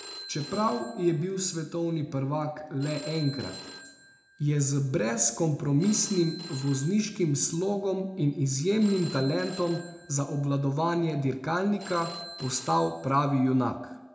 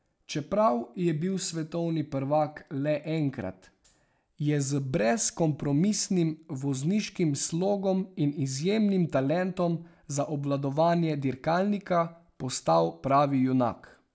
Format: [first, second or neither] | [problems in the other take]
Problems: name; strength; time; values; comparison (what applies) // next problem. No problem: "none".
second | background sound (Telephone); 18 dB below the speech // room echo; dies away in 0.6 s